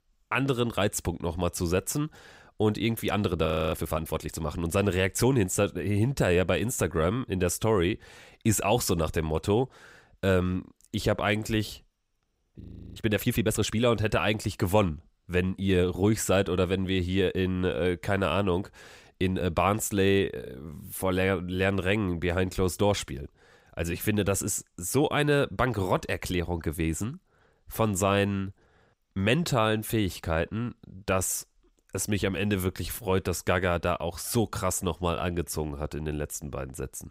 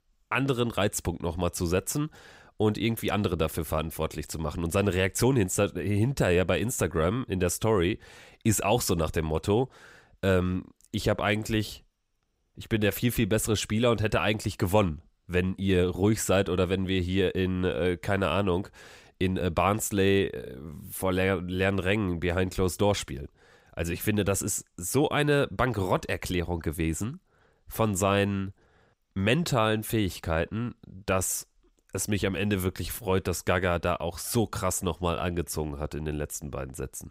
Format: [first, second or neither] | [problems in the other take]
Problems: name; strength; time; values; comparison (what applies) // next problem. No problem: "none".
second | audio freezing; at 3.5 s and at 13 s